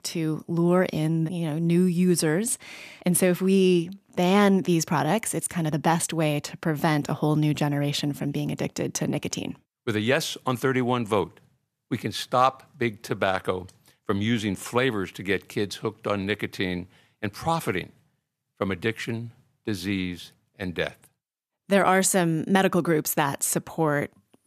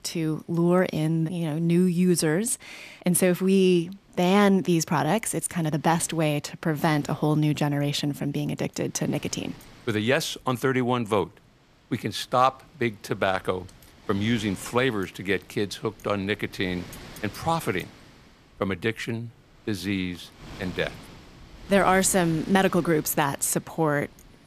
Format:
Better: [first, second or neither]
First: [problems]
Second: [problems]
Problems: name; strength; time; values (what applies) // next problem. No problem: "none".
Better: first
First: none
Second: wind noise on the microphone; occasional gusts; 20 dB below the speech